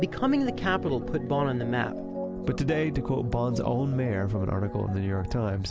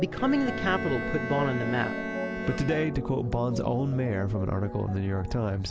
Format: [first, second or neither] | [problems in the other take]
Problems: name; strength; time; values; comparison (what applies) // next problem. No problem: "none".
first | background sound (Bowed string instrument); 11 dB below the speech